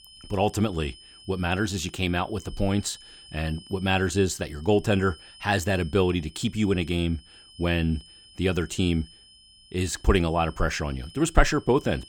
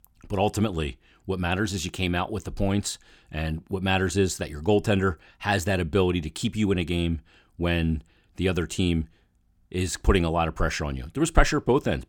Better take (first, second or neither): second